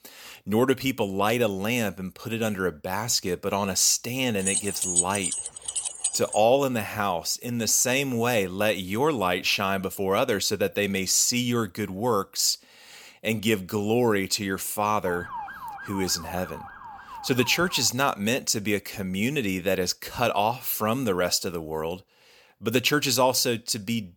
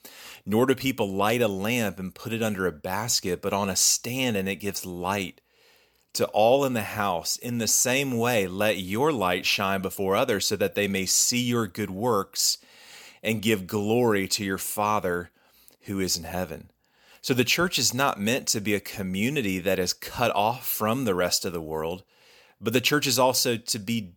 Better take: second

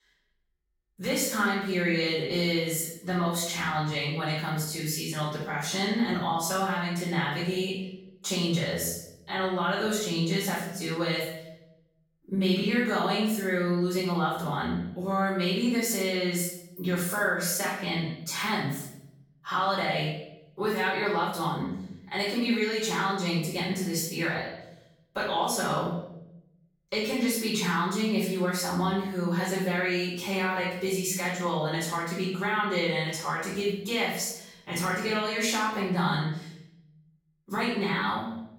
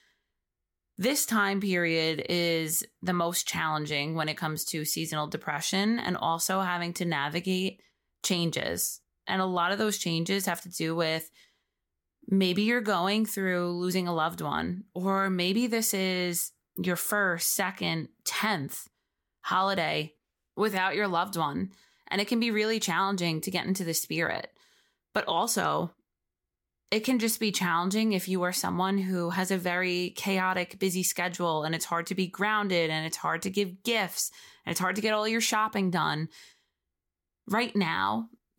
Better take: second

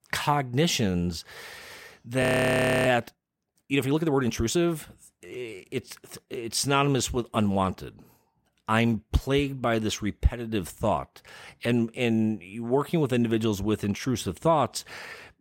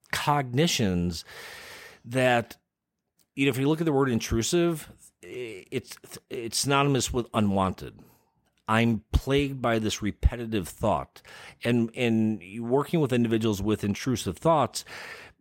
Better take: second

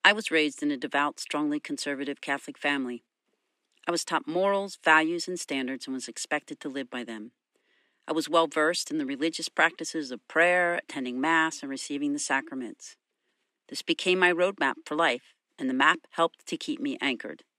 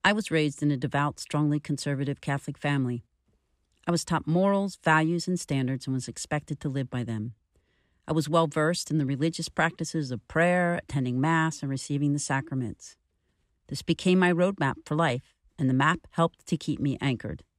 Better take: second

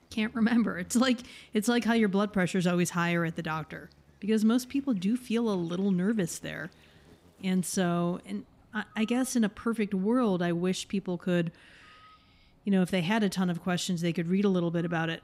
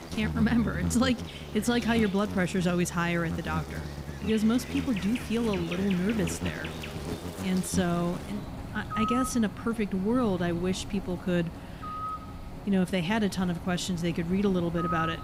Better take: first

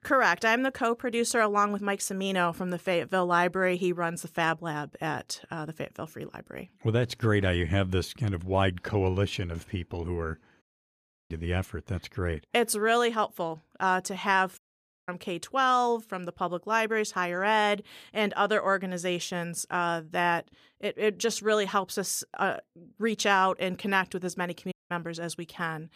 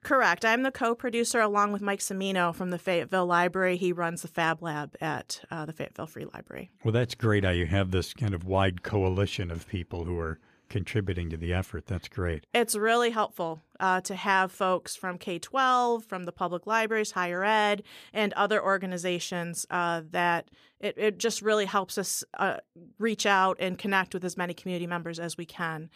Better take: second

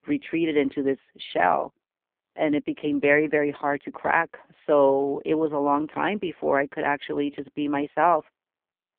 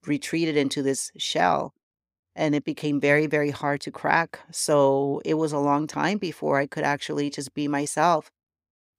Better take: second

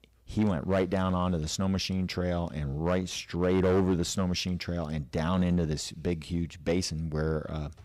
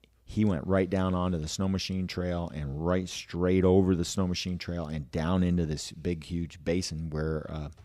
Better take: second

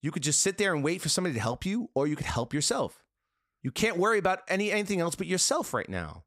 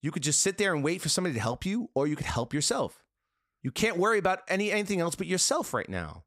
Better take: neither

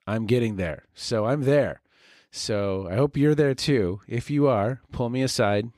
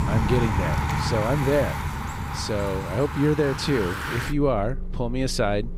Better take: first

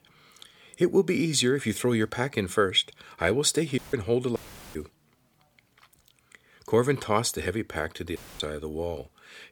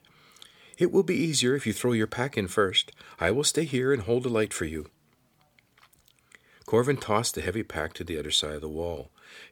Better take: second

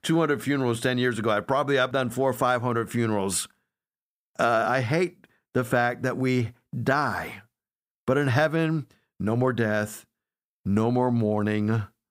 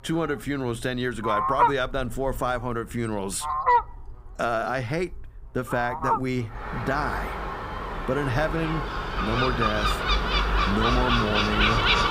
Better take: first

